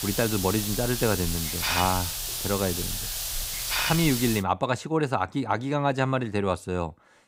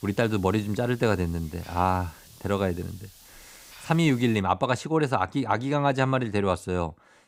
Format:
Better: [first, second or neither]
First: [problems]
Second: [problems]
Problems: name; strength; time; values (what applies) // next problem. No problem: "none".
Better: second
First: hiss; loud; until 4.5 s; 1 dB below the speech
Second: hiss; faint; until 4.5 s; 25 dB below the speech